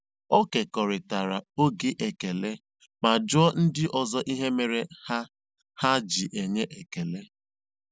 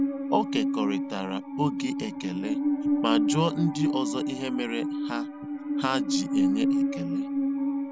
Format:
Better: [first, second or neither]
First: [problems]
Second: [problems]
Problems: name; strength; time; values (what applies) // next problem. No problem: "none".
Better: first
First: none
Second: background sound (Musical instrument); 4 dB above the speech